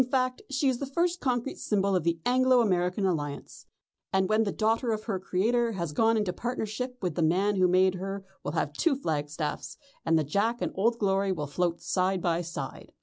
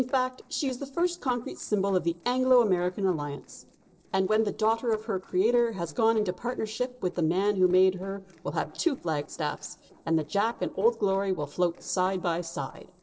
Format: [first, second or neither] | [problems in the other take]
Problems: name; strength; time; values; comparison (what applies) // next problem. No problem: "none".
first | noise reduction (neural separator model SepFormer DNS4)